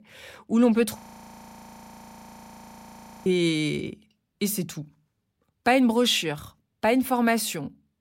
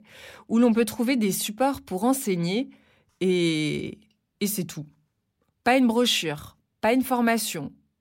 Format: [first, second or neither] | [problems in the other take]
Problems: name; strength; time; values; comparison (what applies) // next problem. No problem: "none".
second | audio freezing; at 1 s for 2.5 s